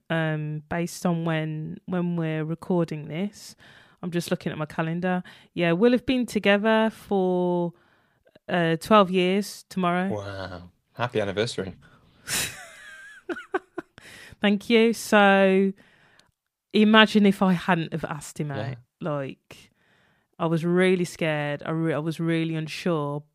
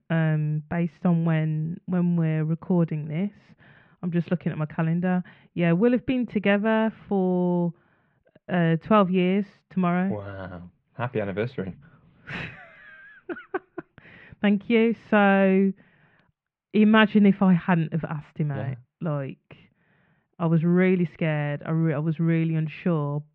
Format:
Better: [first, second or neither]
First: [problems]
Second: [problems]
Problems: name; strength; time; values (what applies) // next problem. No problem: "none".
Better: first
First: none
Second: muffled; very; fading above 2.5 kHz